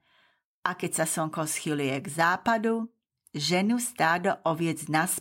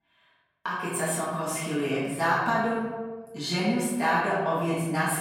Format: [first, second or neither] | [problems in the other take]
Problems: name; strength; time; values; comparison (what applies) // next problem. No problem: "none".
first | off-mic speech; far // room echo; noticeable; dies away in 1.3 s